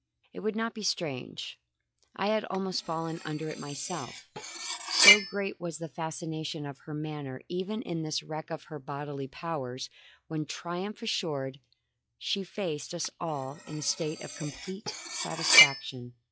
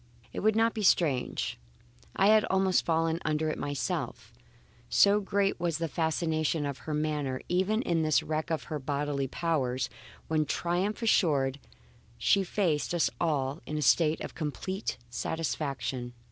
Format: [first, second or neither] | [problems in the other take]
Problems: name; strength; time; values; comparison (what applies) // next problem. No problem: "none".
second | noise reduction (classical method log-MMSE)